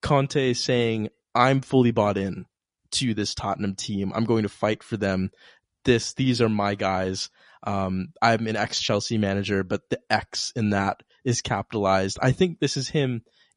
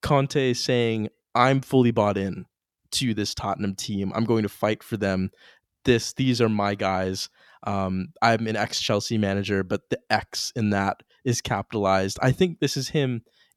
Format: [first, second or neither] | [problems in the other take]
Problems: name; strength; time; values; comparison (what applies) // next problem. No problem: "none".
second | garbled, watery; slightly; nothing above 10.5 kHz